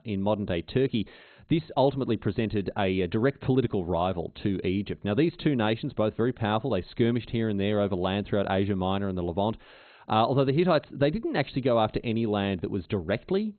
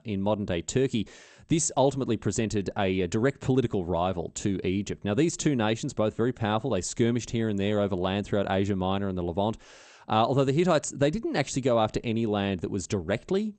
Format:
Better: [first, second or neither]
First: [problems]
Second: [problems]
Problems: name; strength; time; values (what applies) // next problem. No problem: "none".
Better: second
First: garbled, watery; badly; nothing above 4 kHz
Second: garbled, watery; slightly; nothing above 8 kHz